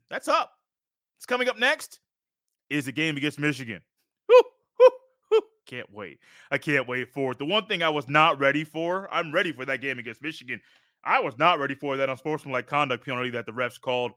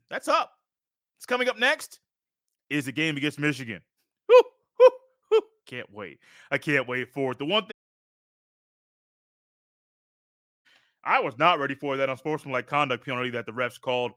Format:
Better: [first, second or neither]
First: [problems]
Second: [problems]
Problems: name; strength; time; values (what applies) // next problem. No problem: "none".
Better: first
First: none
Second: audio cutting out; at 7.5 s for 3 s